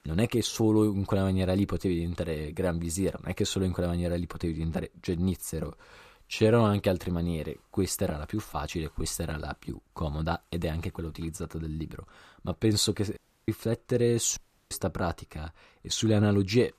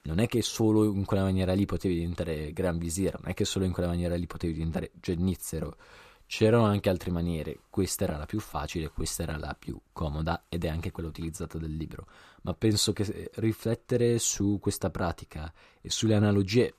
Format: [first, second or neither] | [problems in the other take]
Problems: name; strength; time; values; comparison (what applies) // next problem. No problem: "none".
second | audio cutting out; at 13 s and at 14 s